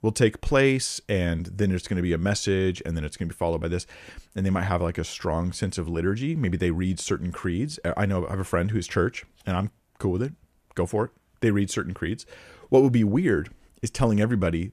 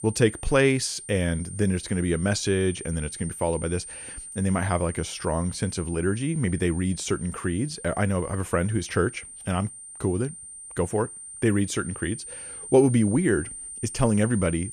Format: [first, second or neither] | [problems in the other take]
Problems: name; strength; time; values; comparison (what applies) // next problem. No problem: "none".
first | high-pitched whine; noticeable; throughout; 9 kHz, 10 dB below the speech